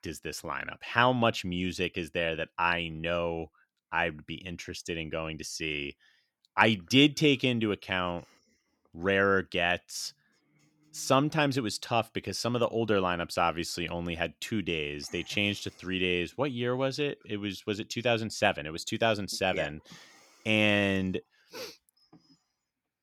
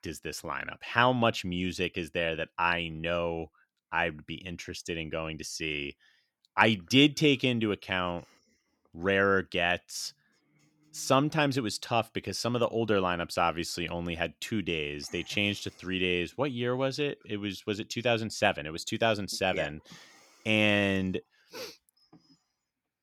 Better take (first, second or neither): neither